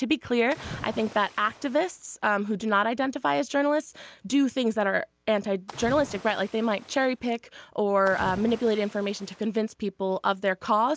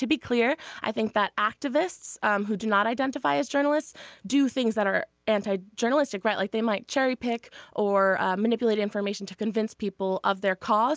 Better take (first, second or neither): second